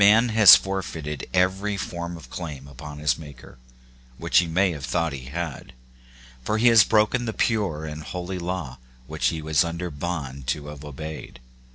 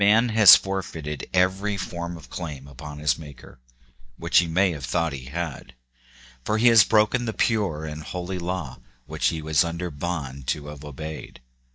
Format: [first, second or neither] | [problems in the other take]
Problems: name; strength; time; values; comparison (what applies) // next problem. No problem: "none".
first | noise reduction (neural mask model DeepFilterNet 3)